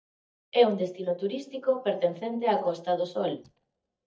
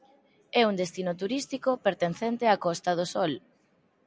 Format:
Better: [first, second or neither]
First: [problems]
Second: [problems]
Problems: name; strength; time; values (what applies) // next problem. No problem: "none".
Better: second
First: noise reduction (neural mask model DeepFilterNet 3)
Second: none